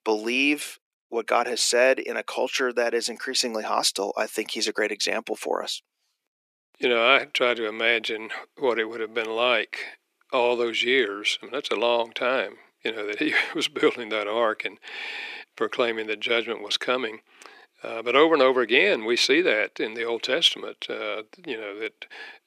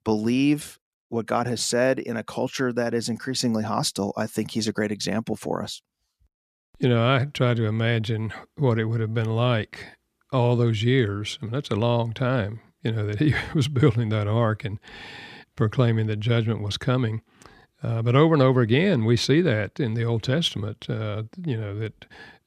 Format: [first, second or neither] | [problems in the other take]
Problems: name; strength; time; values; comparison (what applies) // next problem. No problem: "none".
second | thin; very; fading below 350 Hz